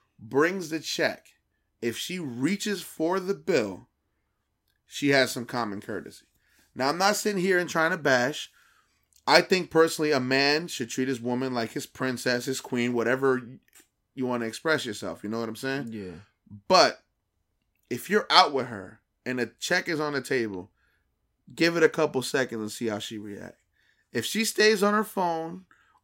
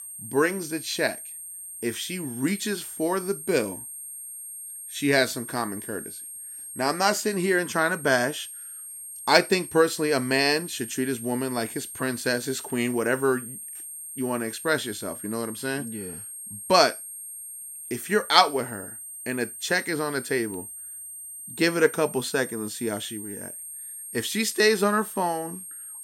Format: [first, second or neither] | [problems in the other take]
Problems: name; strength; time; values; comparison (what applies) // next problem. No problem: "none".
first | high-pitched whine; noticeable; throughout; 8.5 kHz, 10 dB below the speech